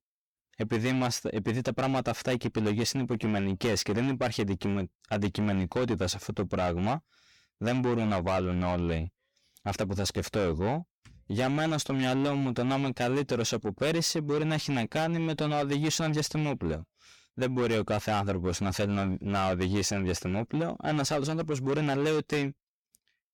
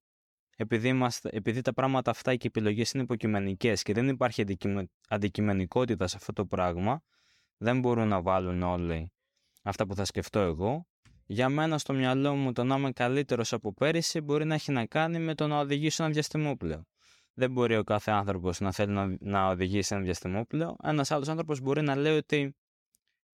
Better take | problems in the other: second | distortion; heavy; 7 dB below the speech

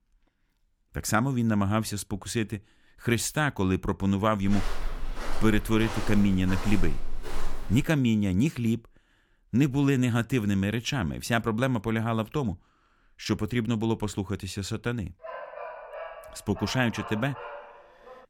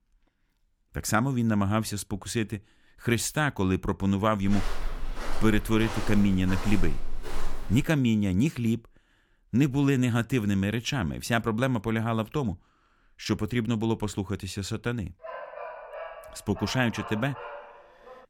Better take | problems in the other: neither | footsteps; noticeable; from 4.5 to 8 s; peak 8 dB below the speech; the same in both // dog barking; faint; from 15 s on; peak 10 dB below the speech; the same in both

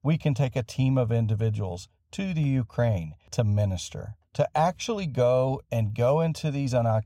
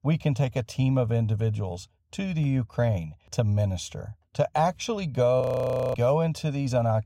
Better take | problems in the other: first | audio freezing; at 5.5 s for 0.5 s

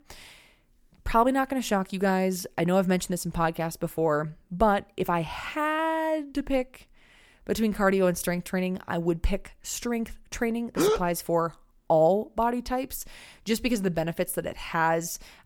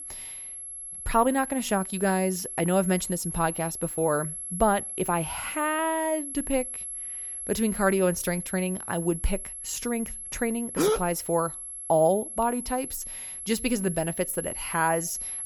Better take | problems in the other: first | high-pitched whine; loud; throughout; 11 kHz, 7 dB below the speech

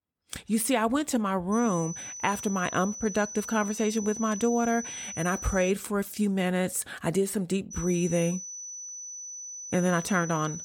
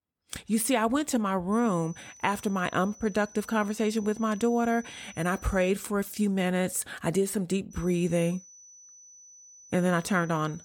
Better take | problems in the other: second | high-pitched whine; loud; from 1.5 to 5.5 s and from 7.5 s on; 6 kHz, 9 dB below the speech; faint in the second

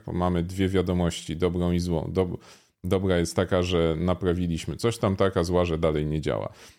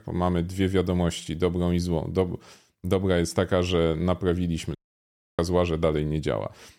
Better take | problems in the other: first | audio cutting out; at 5 s for 0.5 s

